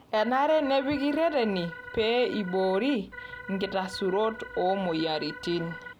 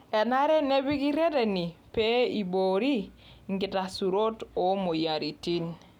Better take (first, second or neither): second